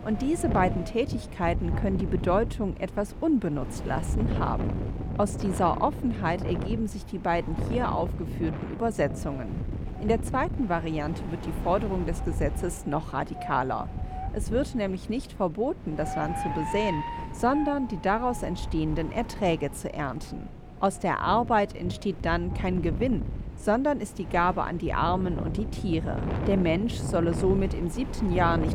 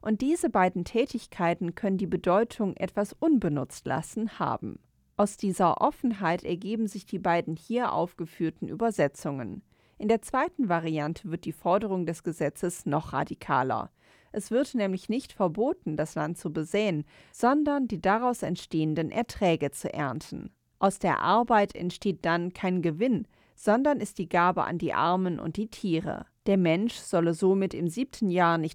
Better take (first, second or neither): second